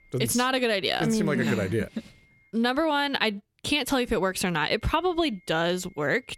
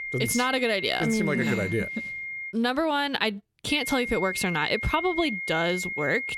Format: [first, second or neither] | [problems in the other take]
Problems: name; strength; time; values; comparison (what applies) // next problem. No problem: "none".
first | high-pitched whine; loud; until 2.5 s and from 3.5 s on; 2 kHz, 5 dB below the speech; faint in the first